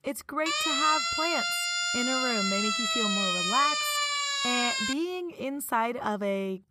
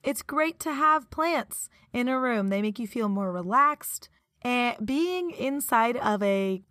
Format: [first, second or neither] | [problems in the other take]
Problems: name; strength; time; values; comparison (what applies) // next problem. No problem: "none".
second | siren; loud; until 5 s; peak 5 dB above the speech